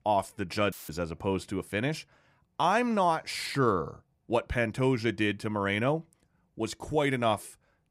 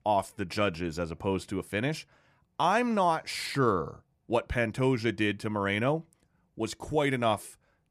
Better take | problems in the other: second | audio cutting out; filled with static; at 0.5 s

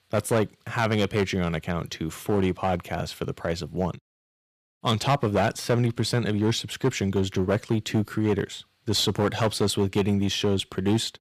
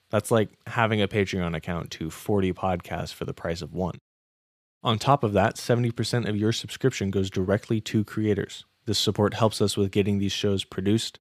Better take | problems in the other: second | distortion; slight; 6% of the sound clipped

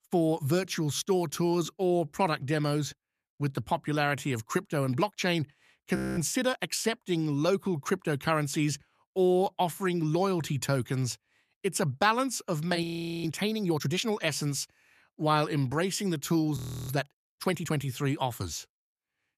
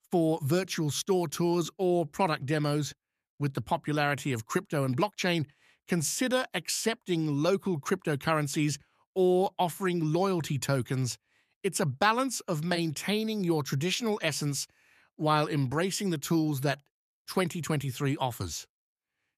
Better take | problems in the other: second | audio freezing; at 6 s, at 13 s and at 17 s

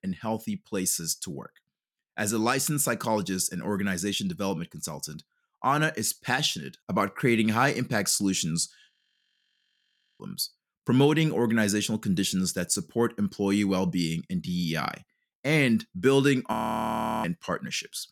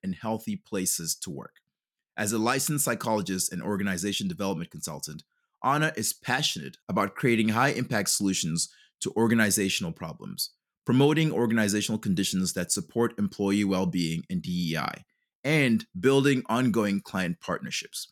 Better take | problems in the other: second | audio freezing; at 9 s for 1.5 s and at 17 s for 0.5 s

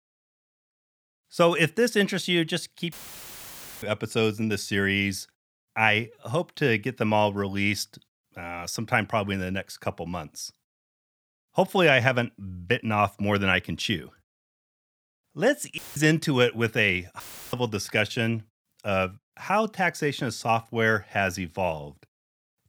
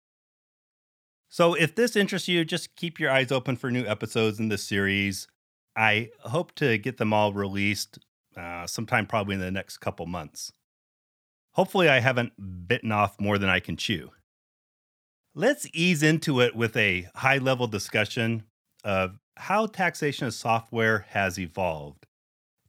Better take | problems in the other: second | audio cutting out; filled with static; at 3 s for 1 s, at 16 s and at 17 s

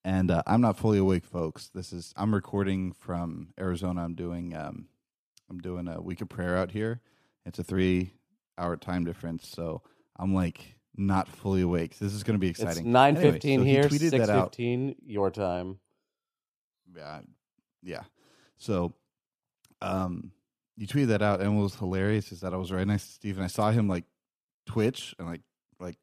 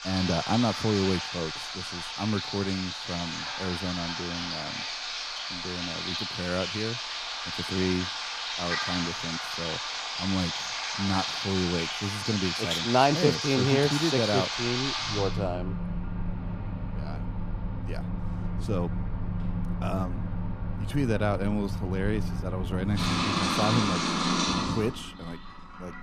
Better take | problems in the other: first | household noises; loud; throughout; 1 dB below the speech

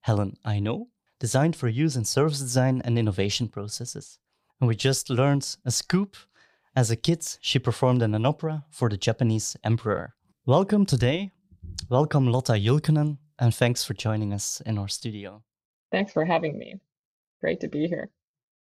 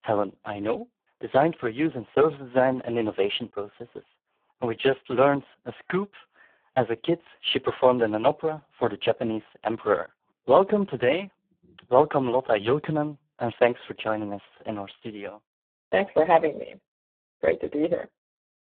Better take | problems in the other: first | phone-call audio; poor line

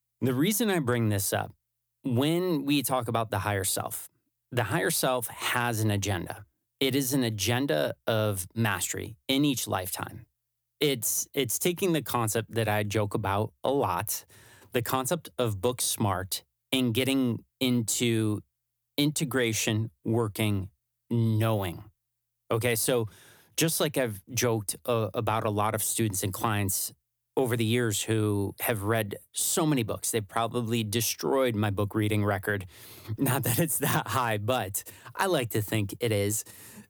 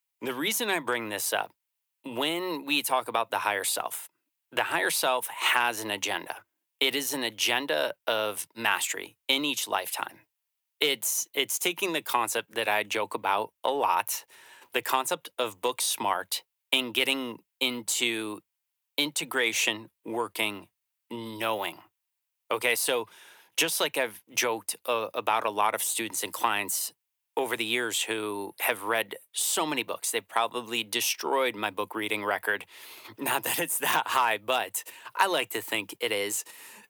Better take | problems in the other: first | thin; somewhat; fading below 400 Hz

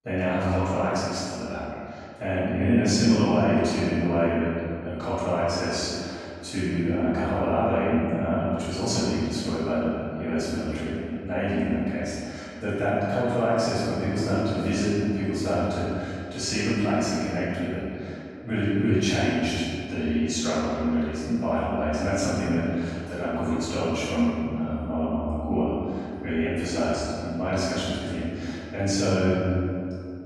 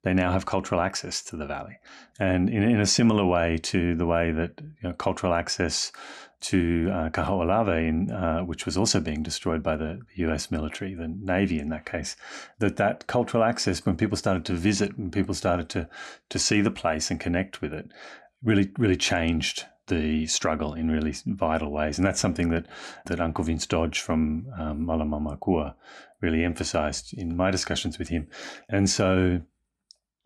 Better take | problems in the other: second | off-mic speech; far // room echo; strong; dies away in 2.2 s

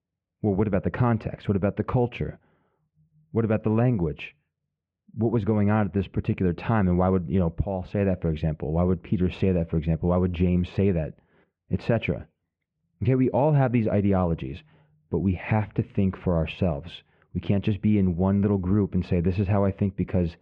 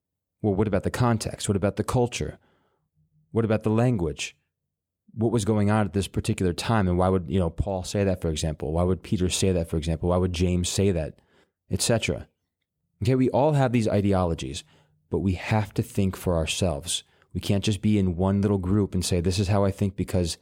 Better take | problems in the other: second | muffled; very; fading above 2.5 kHz

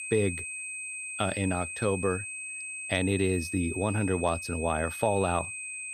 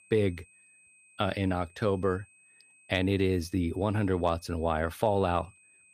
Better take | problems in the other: second | high-pitched whine; loud; throughout; 2.5 kHz, 6 dB below the speech; faint in the second

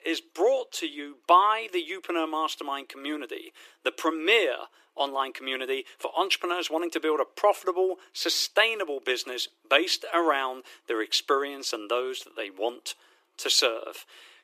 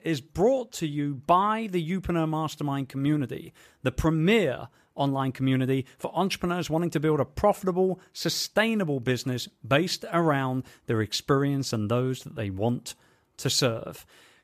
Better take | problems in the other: second | thin; very; fading below 350 Hz

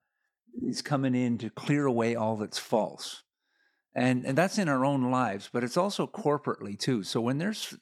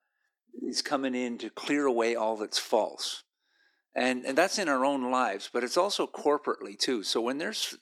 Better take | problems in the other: first | thin; very slightly; fading below 300 Hz

